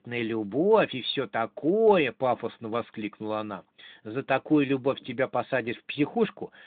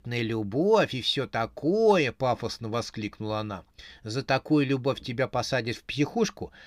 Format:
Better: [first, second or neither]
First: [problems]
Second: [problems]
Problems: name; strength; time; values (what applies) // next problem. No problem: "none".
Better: second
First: phone-call audio; nothing above 3.5 kHz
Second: none